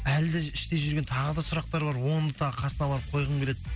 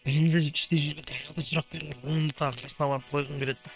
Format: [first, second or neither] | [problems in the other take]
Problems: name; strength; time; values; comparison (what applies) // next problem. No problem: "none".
first | noise reduction (neural separator model SepFormer WHAM!)